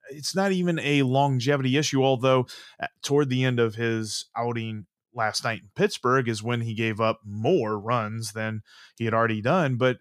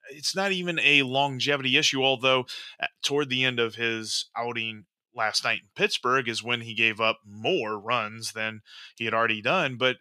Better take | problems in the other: first | thin; very slightly; fading below 700 Hz

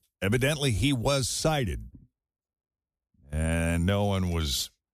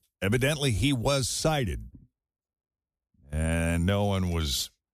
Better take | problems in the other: neither | none

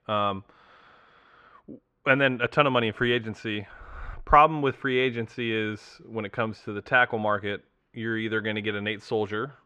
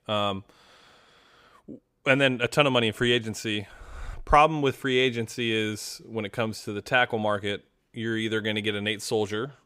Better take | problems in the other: second | muffled; slightly; fading above 3 kHz

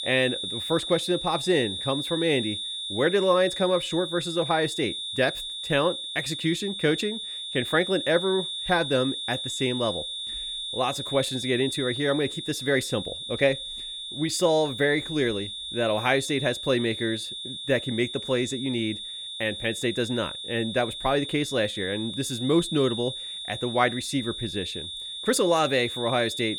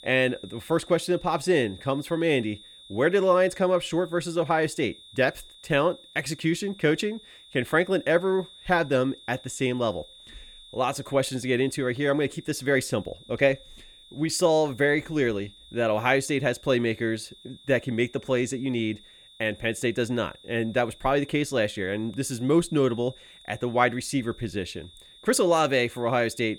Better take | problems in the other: second | high-pitched whine; loud; throughout; 3.5 kHz, 6 dB below the speech; faint in the second

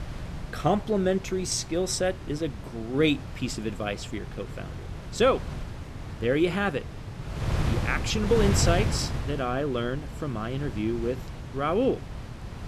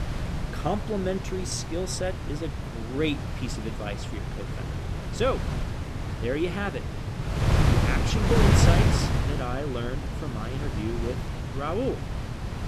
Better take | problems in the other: first | wind noise on the microphone; heavy; 2 dB below the speech; occasional gusts in the first

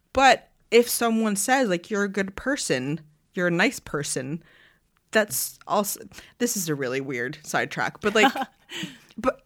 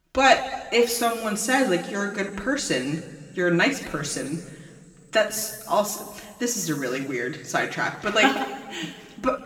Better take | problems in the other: first | room echo; noticeable; dies away in 1.9 s // off-mic speech; somewhat distant

